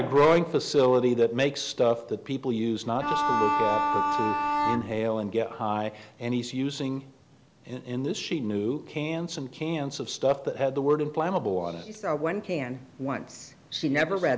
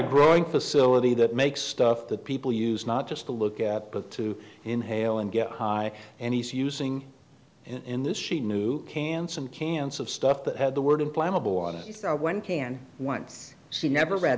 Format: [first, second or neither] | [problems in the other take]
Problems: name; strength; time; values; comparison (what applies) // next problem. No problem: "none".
second | background sound (Bowed string instrument); 1 dB above the speech